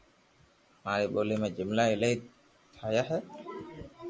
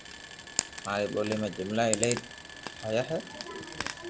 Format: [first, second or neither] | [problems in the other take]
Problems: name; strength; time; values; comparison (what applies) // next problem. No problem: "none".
first | background sound (Frying (food)); 5 dB below the speech